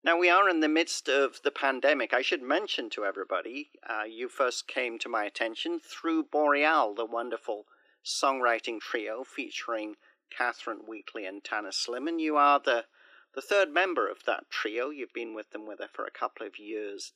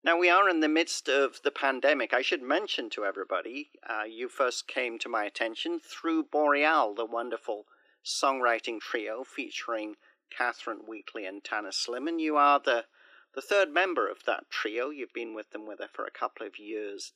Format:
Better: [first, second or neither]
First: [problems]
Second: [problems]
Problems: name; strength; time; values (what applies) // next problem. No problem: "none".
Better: neither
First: thin; somewhat; fading below 300 Hz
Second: thin; somewhat; fading below 300 Hz